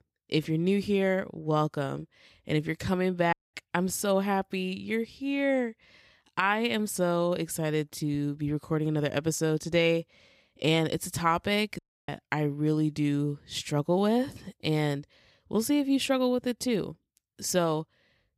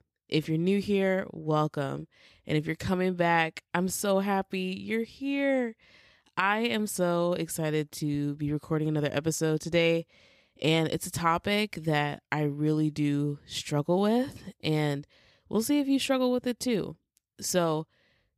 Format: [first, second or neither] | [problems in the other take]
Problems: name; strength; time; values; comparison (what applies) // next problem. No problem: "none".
second | audio cutting out; at 3.5 s and at 12 s